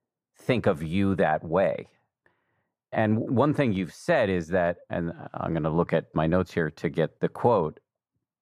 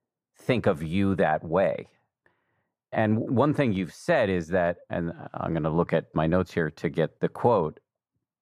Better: neither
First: muffled; slightly; fading above 2 kHz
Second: muffled; slightly; fading above 2 kHz

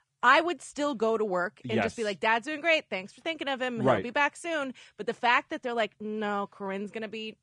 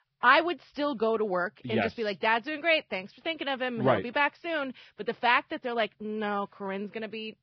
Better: first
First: garbled, watery; slightly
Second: garbled, watery; badly; nothing above 5 kHz

